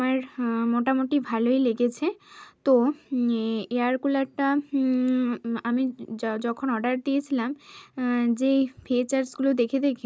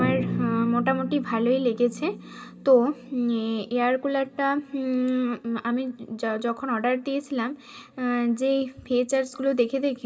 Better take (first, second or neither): first